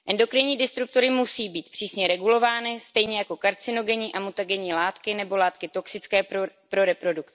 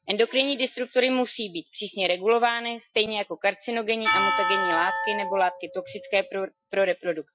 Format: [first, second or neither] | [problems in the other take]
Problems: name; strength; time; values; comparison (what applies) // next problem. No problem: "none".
first | noise reduction (classical method Wiener filter)